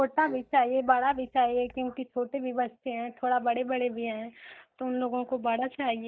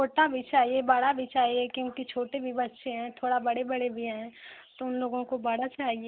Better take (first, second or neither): second